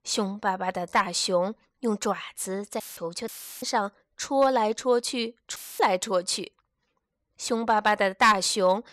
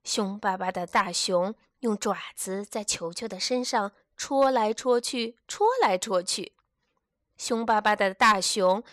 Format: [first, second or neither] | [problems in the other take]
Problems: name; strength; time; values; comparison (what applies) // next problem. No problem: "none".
second | audio cutting out; filled with static; at 3 s, at 3.5 s and at 5.5 s